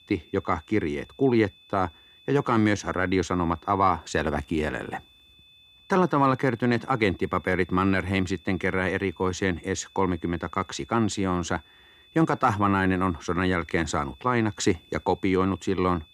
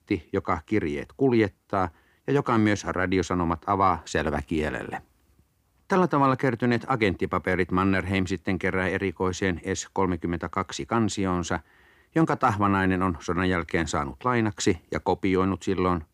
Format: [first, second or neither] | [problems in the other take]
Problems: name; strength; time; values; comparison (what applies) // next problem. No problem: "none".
second | high-pitched whine; faint; throughout; 3.5 kHz, 25 dB below the speech